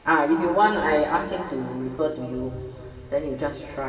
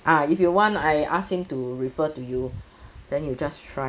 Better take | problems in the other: second | room echo; dies away in 2.3 s

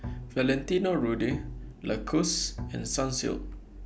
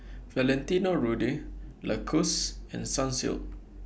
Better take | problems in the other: second | background sound (Bowed string instrument); 14 dB below the speech

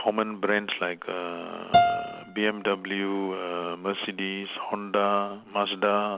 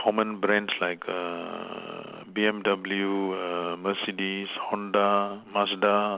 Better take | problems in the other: second | background sound (Piano); 1 dB below the speech

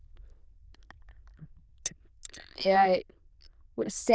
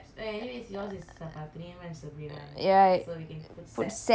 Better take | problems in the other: second | noise reduction (neural diffusion model UNIVERSE++)

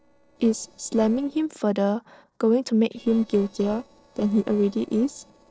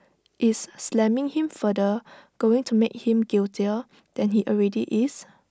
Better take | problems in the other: second | noise reduction (neural separator model SepFormer DNS4)

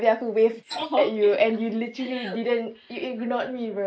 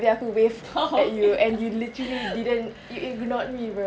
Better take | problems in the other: second | noise reduction (neural mask model Resemble Enhance denoiser)

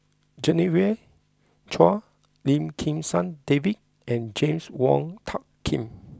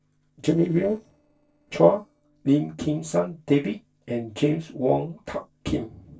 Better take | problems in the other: first | noise reduction (neural separator model SepFormer DNS4)

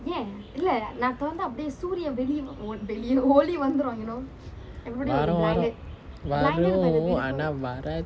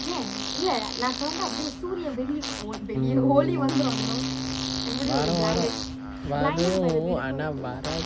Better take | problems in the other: first | background sound (Bass guitar + Fart); 3 dB below the speech

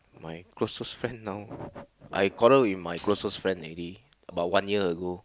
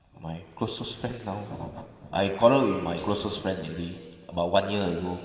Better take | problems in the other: first | room echo; dies away in 2.6 s

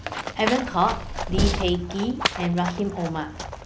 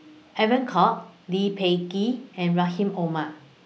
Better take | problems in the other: second | background sound (Train + Livestock, farm animals, working animals); 2 dB below the speech

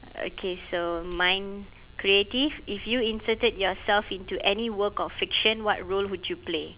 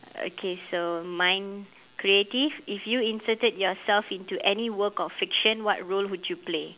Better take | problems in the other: second | background sound (Vehicle); 18 dB below the speech

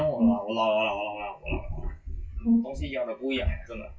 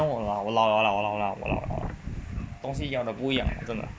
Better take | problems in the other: second | noise reduction (classical method WPE with log-MMSE)

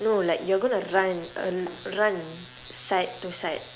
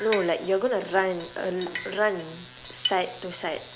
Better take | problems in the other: first | background sound (Drip); 11 dB below the speech

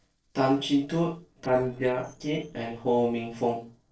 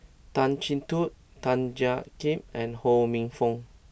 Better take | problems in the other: second | noise reduction (neural separator model SepFormer DNS4)

